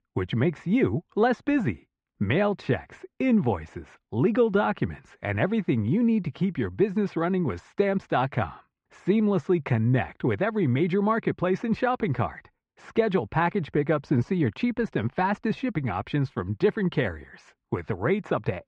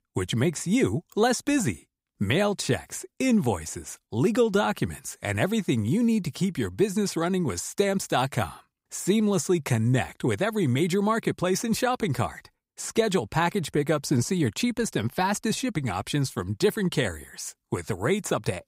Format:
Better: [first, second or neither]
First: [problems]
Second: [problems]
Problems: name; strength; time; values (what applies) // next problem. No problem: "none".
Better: second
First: muffled; very; fading above 2.5 kHz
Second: none